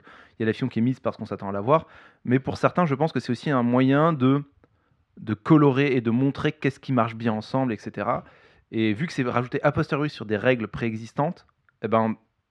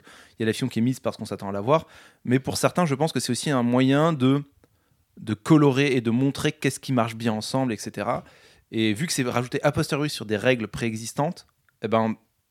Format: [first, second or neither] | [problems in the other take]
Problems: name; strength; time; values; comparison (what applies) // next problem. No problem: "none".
second | muffled; slightly; fading above 2.5 kHz